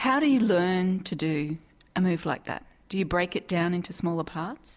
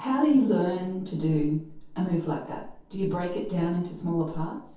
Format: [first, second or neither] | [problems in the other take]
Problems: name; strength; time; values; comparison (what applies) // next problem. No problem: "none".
first | background sound (Cricket / Frog); 15 dB below the speech // room echo; dies away in 0.6 s